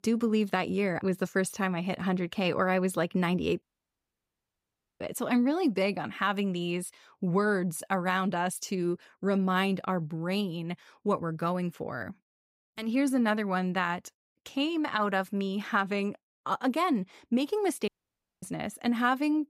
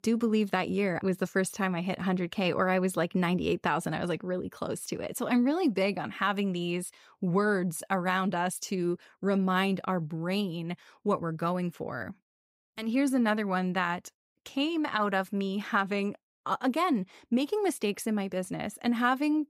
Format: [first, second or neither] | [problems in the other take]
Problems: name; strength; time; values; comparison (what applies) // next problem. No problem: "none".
second | audio cutting out; at 3.5 s for 1.5 s and at 18 s for 0.5 s